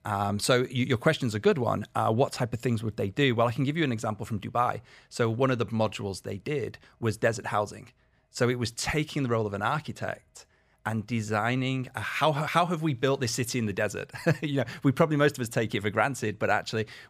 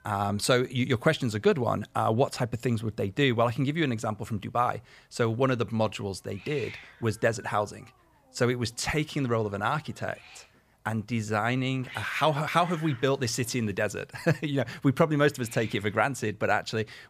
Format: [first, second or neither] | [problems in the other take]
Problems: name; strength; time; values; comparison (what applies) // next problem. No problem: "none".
first | hiss; noticeable; throughout; 20 dB below the speech